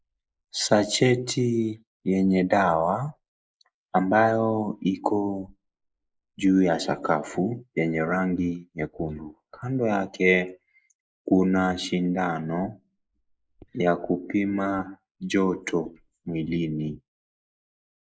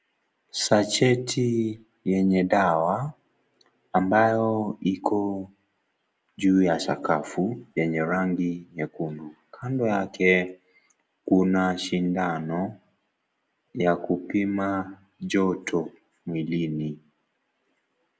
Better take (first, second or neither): second